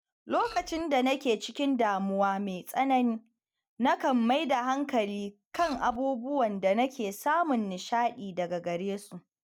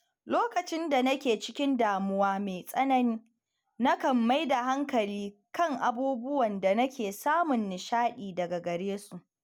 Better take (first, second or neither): second